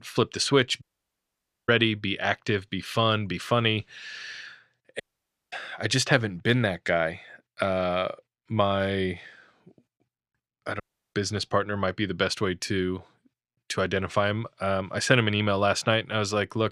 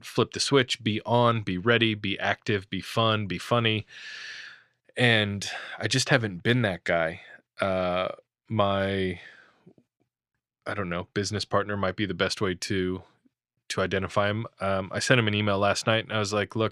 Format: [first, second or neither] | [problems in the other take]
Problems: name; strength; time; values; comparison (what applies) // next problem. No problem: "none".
second | audio cutting out; at 1 s for 1 s, at 5 s for 0.5 s and at 11 s